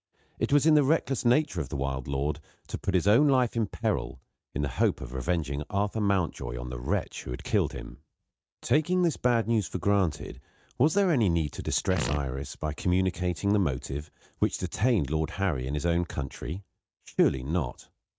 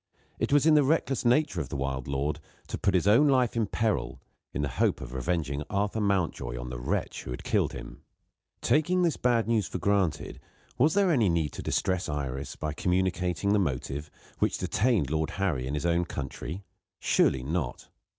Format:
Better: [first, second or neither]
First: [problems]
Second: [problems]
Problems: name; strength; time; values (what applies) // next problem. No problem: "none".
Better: second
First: noise reduction (neural mask model RNNoise)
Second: none